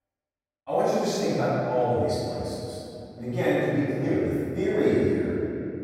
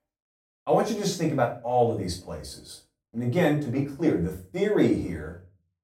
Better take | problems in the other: second | room echo; strong; dies away in 2.8 s; slight in the second // off-mic speech; far; far in the second

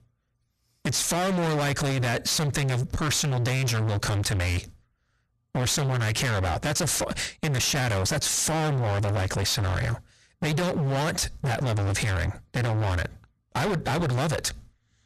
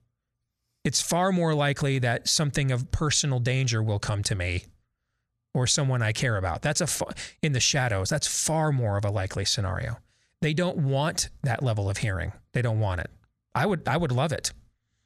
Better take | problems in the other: second | distortion; heavy; 43% of the sound clipped

